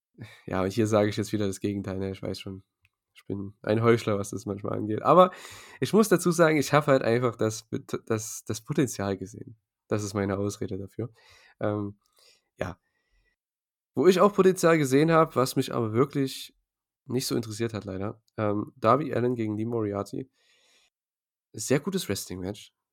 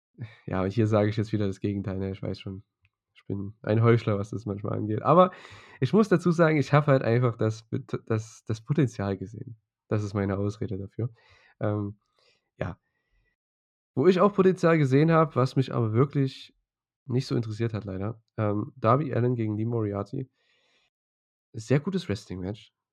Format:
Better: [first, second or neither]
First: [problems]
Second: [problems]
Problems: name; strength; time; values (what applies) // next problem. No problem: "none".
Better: first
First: none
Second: muffled; very slightly; fading above 3.5 kHz